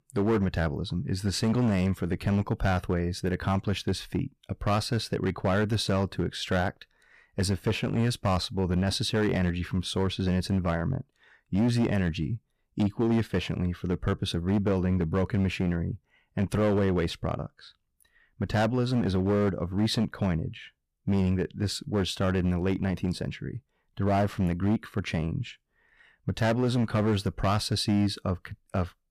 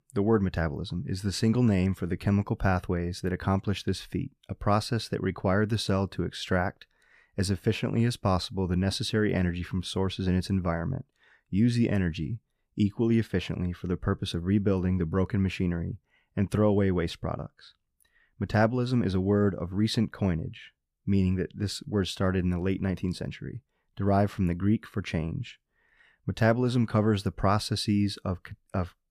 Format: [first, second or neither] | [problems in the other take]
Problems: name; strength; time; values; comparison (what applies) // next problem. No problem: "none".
second | distortion; slight; 9% of the sound clipped